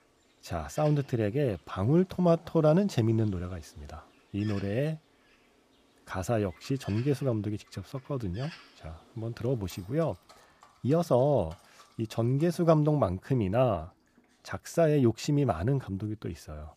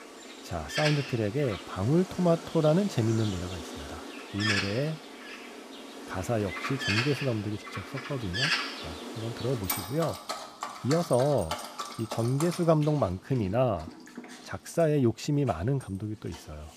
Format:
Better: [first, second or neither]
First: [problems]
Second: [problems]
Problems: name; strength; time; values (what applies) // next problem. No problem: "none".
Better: first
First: animal sounds; faint; throughout; 25 dB below the speech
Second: animal sounds; loud; throughout; 6 dB below the speech